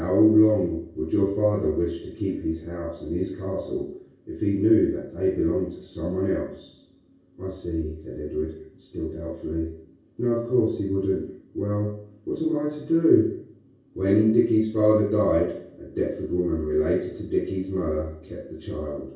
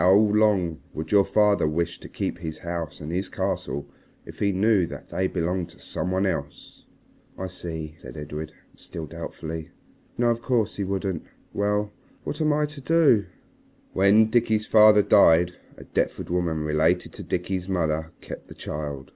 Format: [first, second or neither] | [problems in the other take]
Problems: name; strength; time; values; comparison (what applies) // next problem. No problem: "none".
second | room echo; dies away in 0.6 s